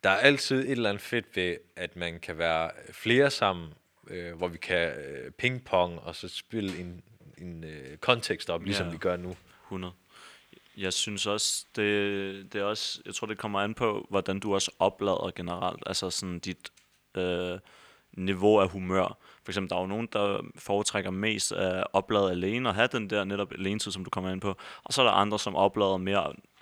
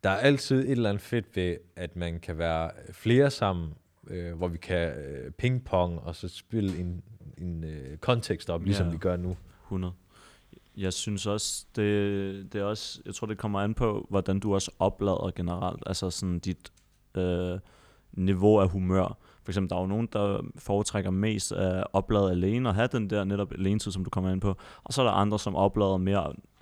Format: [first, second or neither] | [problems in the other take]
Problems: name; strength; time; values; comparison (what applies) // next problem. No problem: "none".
second | thin; very slightly; fading below 750 Hz